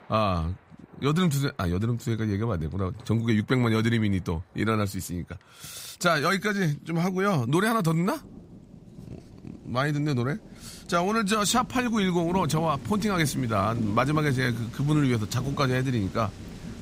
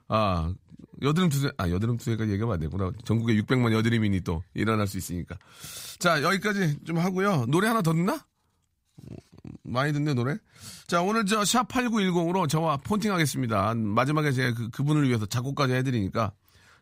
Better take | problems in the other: second | rain or running water; noticeable; throughout; 15 dB below the speech

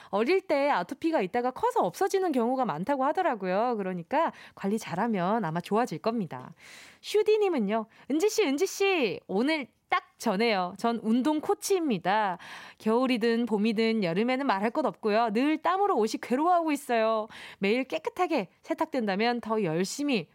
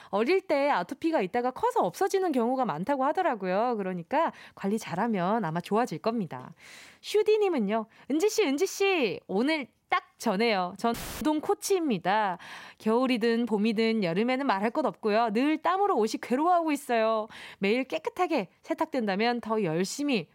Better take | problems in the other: first | audio cutting out; filled with static; at 11 s

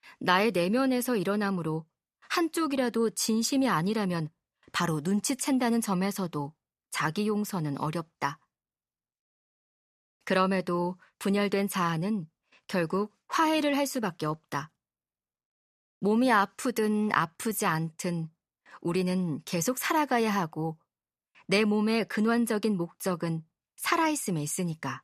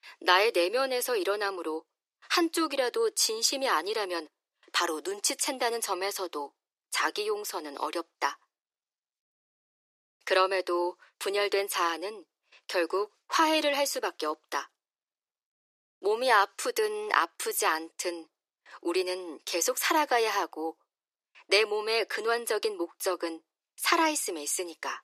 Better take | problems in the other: first | thin; very; fading below 350 Hz

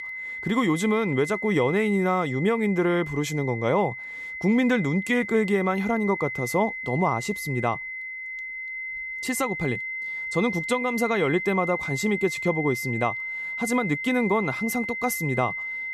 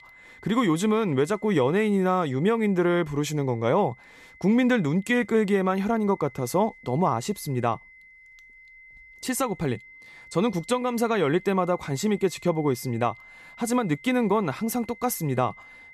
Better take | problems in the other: second | high-pitched whine; loud; throughout; 2 kHz, 6 dB below the speech; faint in the second

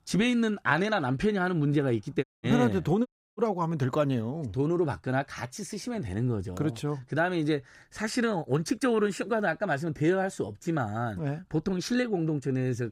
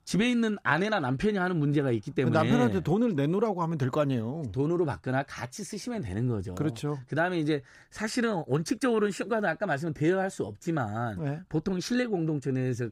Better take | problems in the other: second | audio cutting out; at 2 s and at 3 s

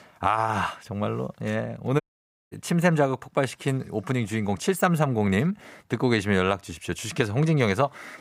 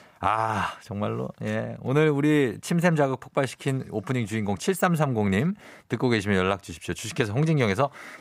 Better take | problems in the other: second | audio cutting out; at 2 s for 0.5 s

